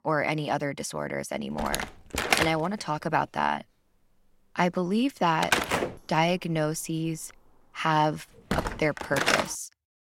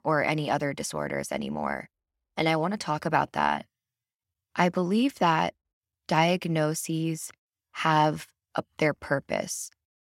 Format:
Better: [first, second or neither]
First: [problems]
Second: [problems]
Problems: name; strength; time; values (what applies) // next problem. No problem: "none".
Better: second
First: door banging; loud; from 1.5 to 9.5 s; peak 4 dB above the speech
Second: none